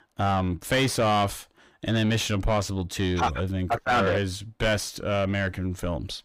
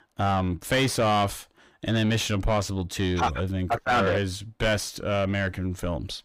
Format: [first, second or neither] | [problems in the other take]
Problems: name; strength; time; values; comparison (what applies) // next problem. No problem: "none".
neither | distortion; heavy; 6 dB below the speech; the same in both